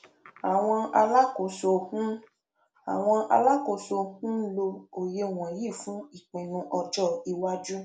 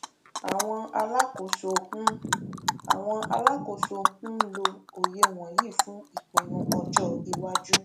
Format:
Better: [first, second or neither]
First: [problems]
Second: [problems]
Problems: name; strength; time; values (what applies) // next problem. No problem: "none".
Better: first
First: none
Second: background sound (Animal); 4 dB above the speech